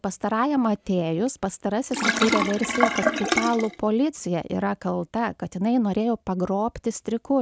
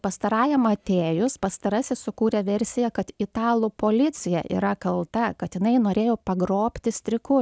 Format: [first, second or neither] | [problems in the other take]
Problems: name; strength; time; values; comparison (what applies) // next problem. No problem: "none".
second | background sound (Sink (filling or washing)); 1 dB below the speech